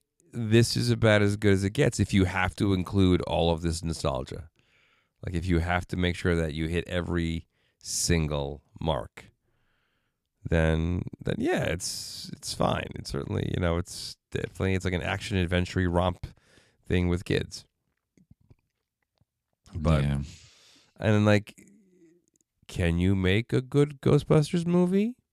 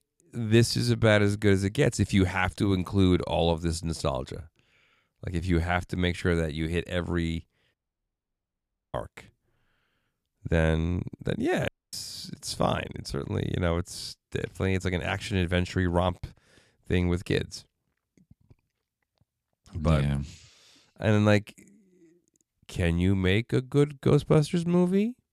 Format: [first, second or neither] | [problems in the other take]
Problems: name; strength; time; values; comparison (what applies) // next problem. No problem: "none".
first | audio cutting out; at 7.5 s for 1 s and at 12 s